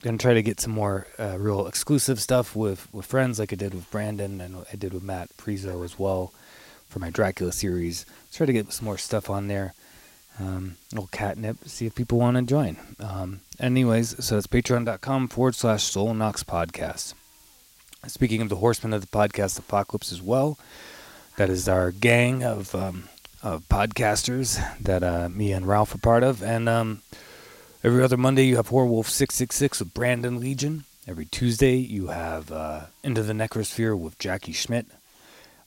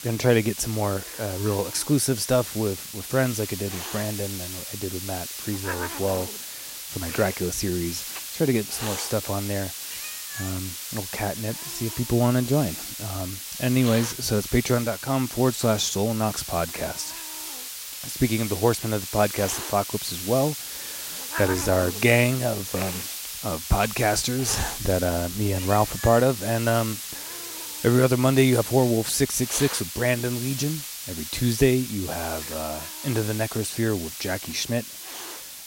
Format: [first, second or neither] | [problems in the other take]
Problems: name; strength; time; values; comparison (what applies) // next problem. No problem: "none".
first | hiss; loud; throughout; 7 dB below the speech; faint in the first